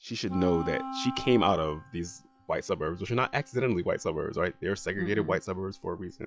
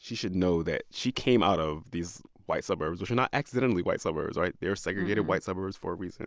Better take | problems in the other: second | noise reduction (classical method log-MMSE)

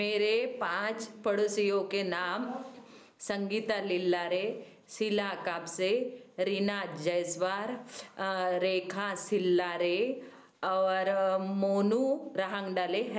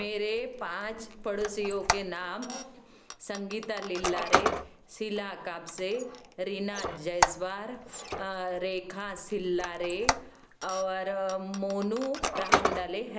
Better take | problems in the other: first | background sound (Squeak); 1 dB below the speech

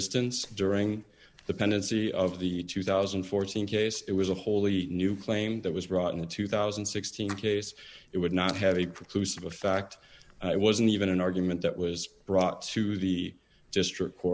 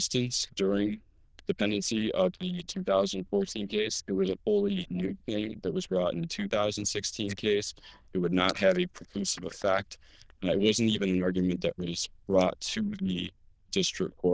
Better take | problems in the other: first | noise reduction (neural diffusion model UNIVERSE++)

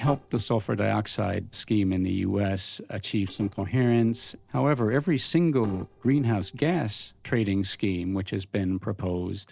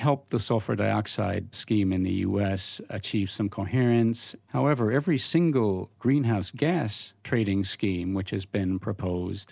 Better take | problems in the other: second | noise reduction (neural separator model SepFormer DNS4)

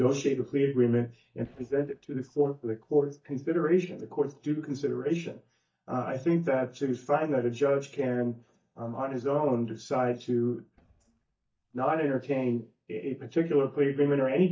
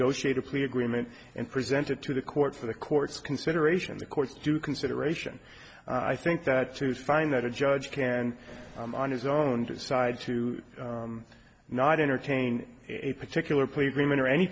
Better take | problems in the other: second | noise reduction (neural mask model DeepFilterNet 3)

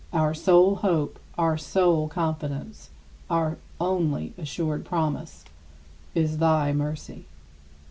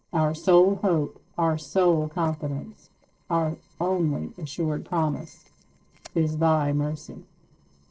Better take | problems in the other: first | noise reduction (neural separator model SepFormer DNS4)

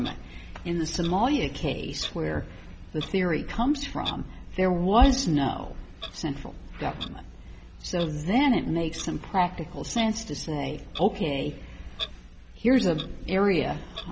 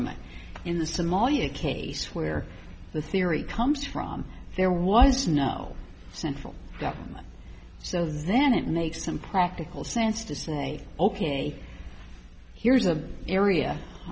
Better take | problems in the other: second | background sound (Clock); 18 dB below the speech

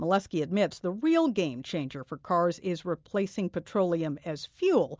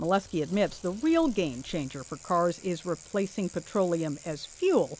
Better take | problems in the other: first | background sound (Bicycle); 19 dB below the speech

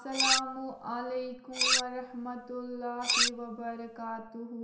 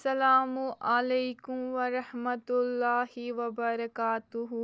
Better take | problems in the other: second | background sound (Cutlery, silverware); 4 dB above the speech // room echo; dies away in 0.7 s

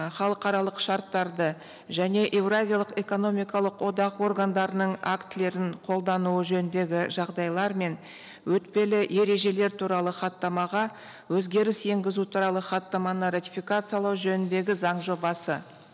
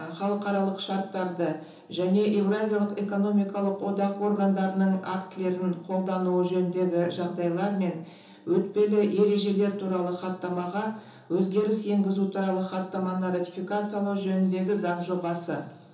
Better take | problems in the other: first | room echo; dies away in 1.2 s

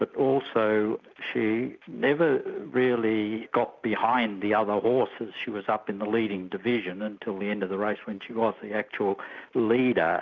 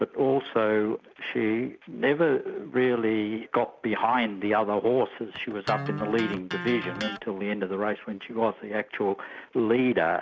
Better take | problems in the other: first | background sound (Electric guitar); 10 dB below the speech

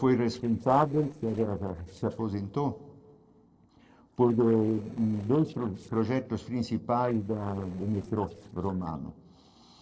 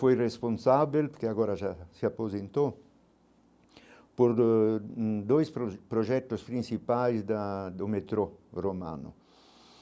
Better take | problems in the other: second | noise reduction (neural separator model SepFormer DNS4)

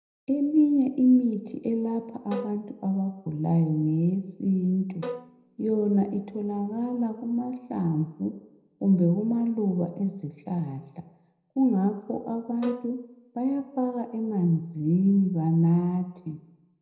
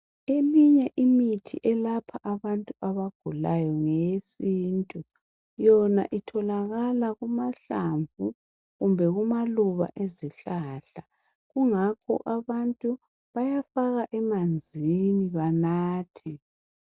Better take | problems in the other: second | background sound (Bowed string instrument); 15 dB below the speech // room echo; dies away in 0.7 s

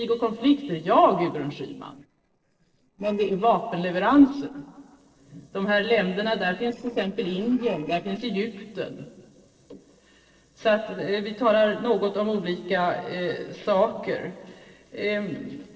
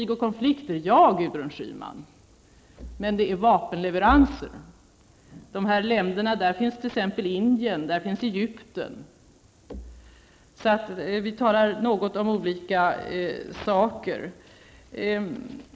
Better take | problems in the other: second | noise reduction (neural separator model SepFormer DNS4)

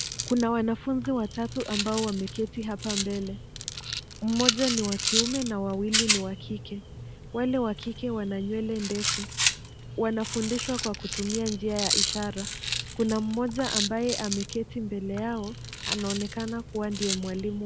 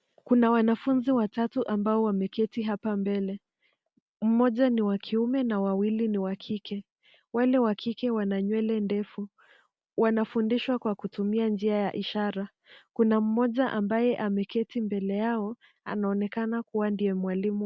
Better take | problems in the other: second | background sound (Rattle); 3 dB below the speech

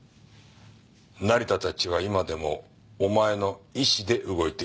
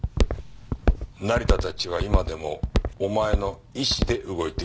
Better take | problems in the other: first | background sound (Walk, footsteps); 2 dB above the speech

